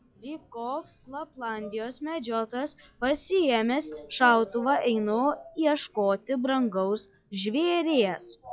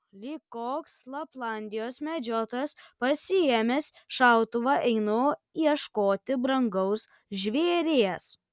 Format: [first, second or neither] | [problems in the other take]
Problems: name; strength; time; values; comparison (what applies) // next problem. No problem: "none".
second | noise reduction (classical method log-MMSE)